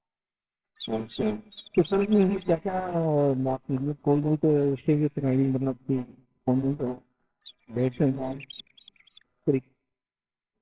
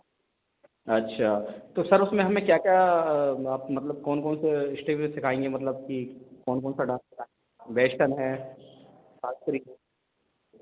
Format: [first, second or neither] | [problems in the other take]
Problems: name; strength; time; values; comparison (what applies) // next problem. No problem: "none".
second | noise reduction (neural separator model SepFormer WHAMR!)